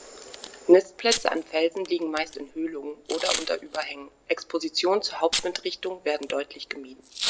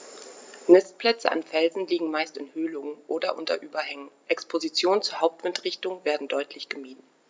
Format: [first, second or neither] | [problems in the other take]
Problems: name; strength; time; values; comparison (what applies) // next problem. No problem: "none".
second | background sound (Packing tape, duct tape / Tearing); 9 dB below the speech